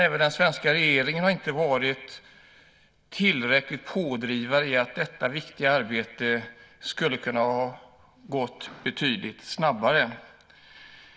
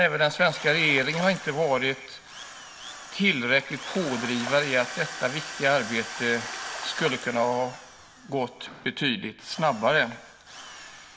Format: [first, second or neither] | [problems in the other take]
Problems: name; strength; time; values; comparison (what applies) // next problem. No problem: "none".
first | background sound (Drill + Bathtub (filling or washing)); 12 dB below the speech